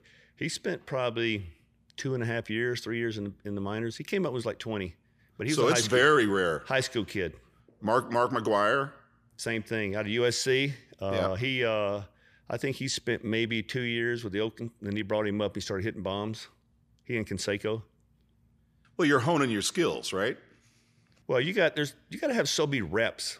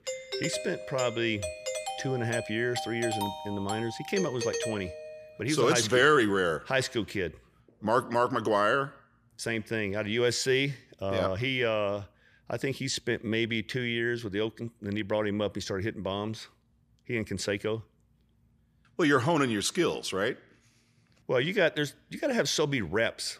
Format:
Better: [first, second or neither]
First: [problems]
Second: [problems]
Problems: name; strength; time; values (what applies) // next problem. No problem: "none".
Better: first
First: none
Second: doorbell; noticeable; until 5.5 s; peak 4 dB below the speech